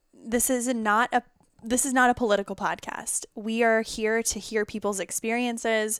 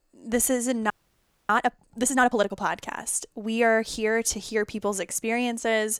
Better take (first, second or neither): first